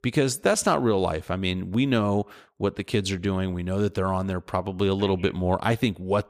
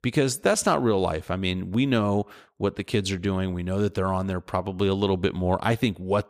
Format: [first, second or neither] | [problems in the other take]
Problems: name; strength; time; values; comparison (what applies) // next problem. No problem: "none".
second | alarms or sirens; very faint; throughout; 20 dB below the speech